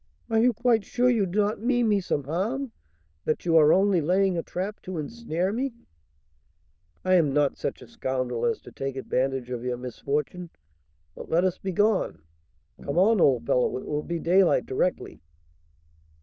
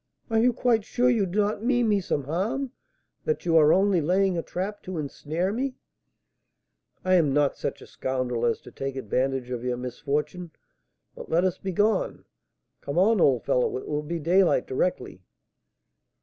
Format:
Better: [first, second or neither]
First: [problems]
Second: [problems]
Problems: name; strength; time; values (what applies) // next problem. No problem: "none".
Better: second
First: noise reduction (neural diffusion model UNIVERSE++)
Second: none